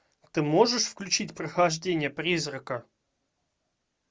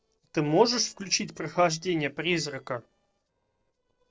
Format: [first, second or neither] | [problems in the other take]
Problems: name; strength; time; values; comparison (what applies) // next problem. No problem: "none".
first | noise reduction (neural separator model SepFormer DNS4)